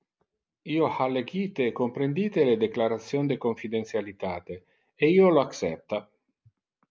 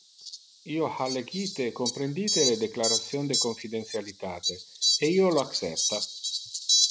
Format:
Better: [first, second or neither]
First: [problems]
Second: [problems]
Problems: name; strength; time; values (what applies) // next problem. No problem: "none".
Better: first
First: none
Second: background sound (Fowl); as loud as the speech